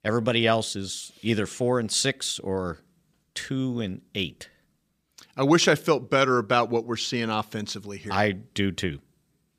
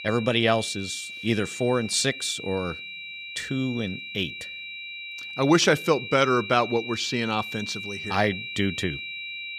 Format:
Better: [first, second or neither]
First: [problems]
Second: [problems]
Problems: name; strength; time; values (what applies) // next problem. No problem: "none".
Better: first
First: none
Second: high-pitched whine; loud; throughout; 2.5 kHz, 9 dB below the speech